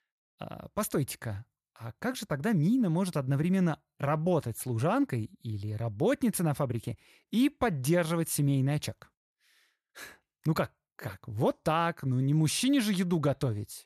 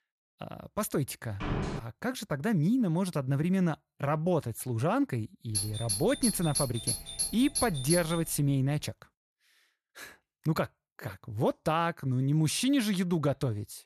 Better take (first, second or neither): first